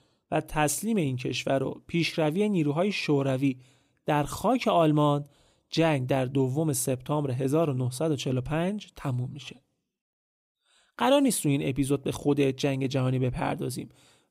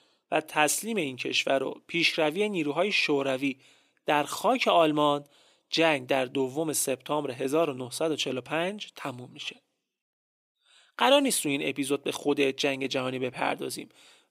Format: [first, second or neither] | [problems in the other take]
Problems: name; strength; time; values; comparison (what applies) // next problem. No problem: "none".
first | thin; very slightly; fading below 300 Hz